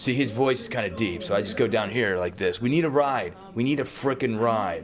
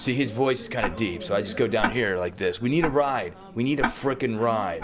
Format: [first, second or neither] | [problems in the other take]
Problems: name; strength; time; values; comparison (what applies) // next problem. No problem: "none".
first | background sound (Tick-tock); 9 dB below the speech